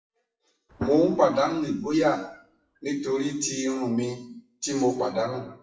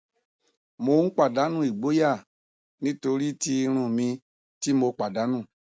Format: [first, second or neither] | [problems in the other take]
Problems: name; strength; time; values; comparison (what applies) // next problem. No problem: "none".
second | noise reduction (classical method WPE with log-MMSE)